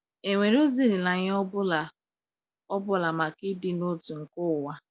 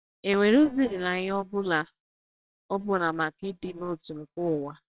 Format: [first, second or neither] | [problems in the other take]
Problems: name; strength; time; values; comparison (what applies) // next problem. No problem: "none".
first | noise reduction (neural separator model SepFormer WHAMR!)